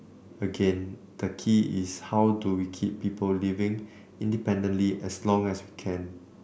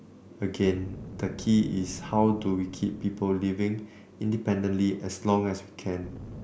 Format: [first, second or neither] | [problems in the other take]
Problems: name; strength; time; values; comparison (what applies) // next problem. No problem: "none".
first | background sound (Boom); 17 dB below the speech